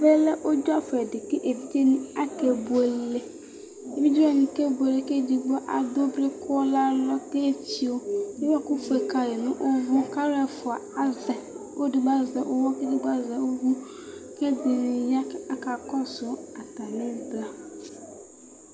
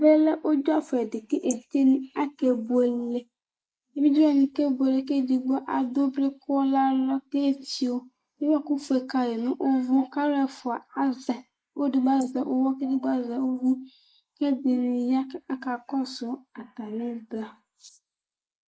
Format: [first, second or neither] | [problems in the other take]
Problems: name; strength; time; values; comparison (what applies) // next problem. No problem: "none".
first | noise reduction (neural mask model Resemble Enhance denoiser)